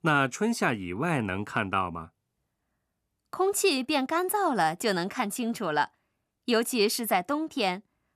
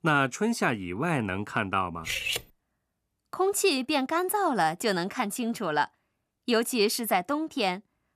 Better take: first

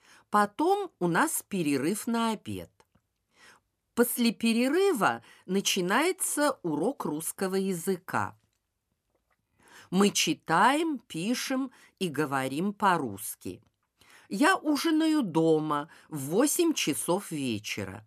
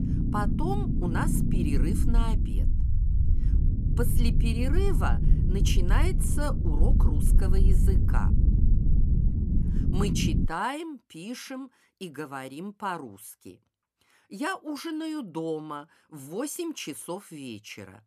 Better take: first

